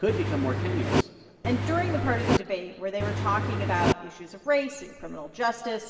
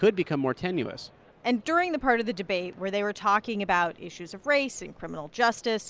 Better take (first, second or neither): second